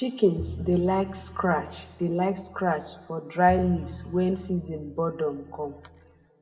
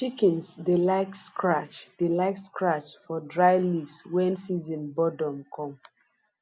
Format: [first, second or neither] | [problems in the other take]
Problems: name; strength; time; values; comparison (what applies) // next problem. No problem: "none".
second | background sound (Bowed string instrument); 14 dB below the speech // room echo; dies away in 1 s